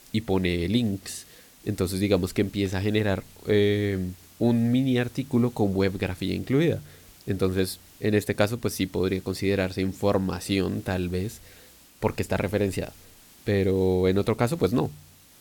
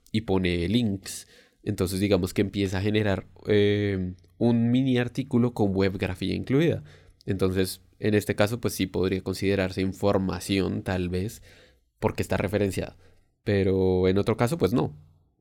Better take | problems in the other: second | hiss; faint; throughout; 25 dB below the speech

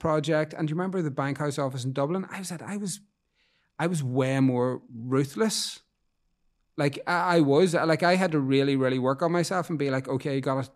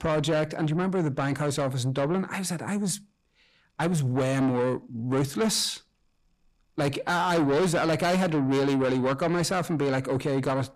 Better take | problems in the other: first | distortion; heavy; 7 dB below the speech

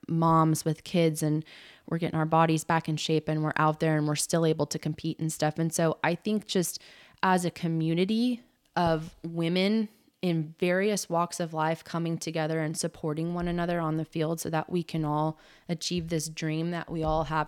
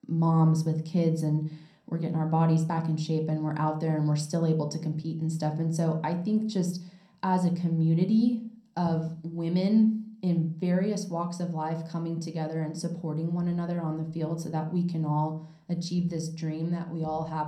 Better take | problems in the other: first | room echo; slight; dies away in 0.6 s // off-mic speech; somewhat distant

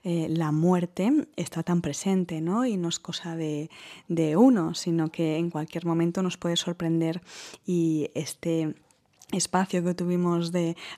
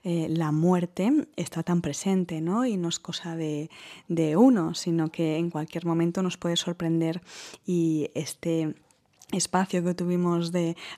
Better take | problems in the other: neither | none

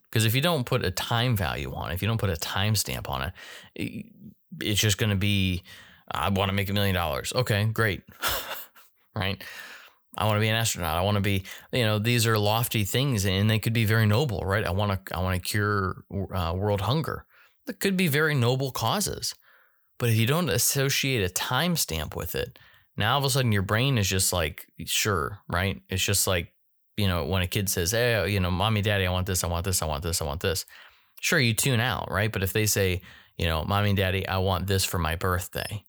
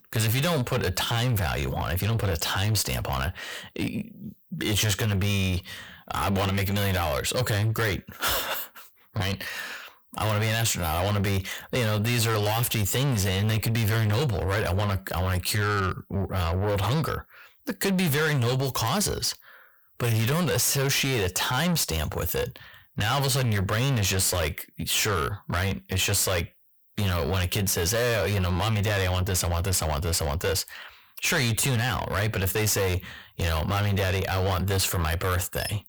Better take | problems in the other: first | distortion; heavy; 6 dB below the speech

